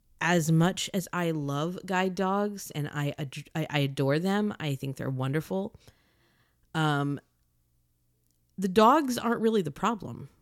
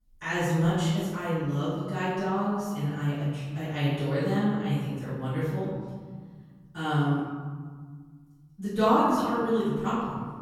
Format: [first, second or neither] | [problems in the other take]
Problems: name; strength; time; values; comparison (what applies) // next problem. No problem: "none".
first | off-mic speech; far // room echo; strong; dies away in 1.8 s